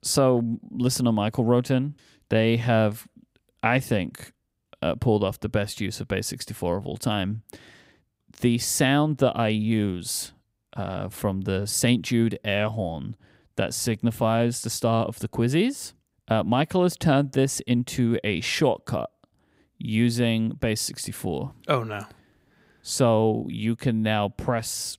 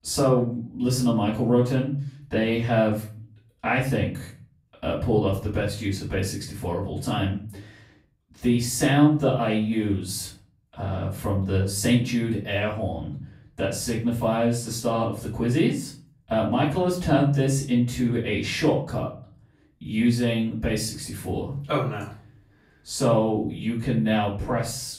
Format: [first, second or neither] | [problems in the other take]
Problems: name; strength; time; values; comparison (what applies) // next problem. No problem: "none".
first | off-mic speech; far // room echo; slight; dies away in 0.4 s